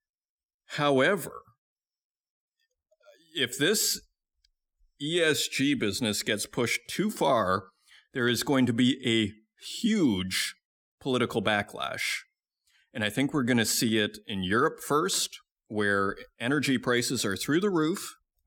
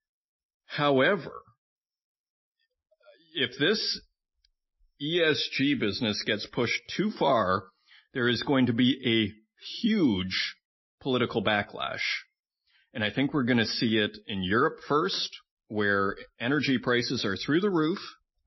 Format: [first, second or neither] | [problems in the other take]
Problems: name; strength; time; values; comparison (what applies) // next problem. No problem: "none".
first | garbled, watery; slightly; nothing above 5.5 kHz